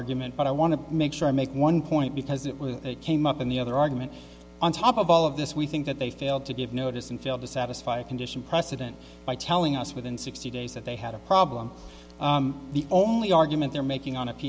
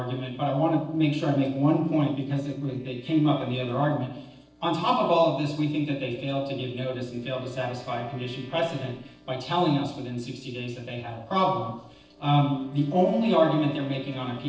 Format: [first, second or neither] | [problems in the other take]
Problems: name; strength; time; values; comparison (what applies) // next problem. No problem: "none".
first | noise reduction (neural separator model SepFormer DNS4)